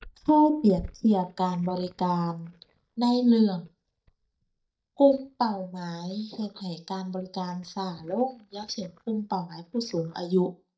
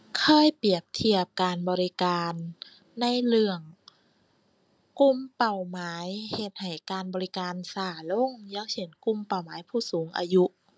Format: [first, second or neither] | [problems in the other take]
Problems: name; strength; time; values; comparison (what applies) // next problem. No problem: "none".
second | noise reduction (neural mask model DeepFilterNet 3)